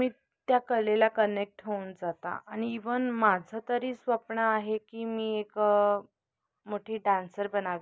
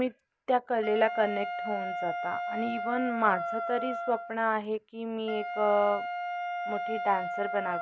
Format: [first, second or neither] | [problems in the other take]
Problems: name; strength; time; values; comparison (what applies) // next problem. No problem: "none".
first | background sound (Wind instrument, woodwind instrument); 5 dB below the speech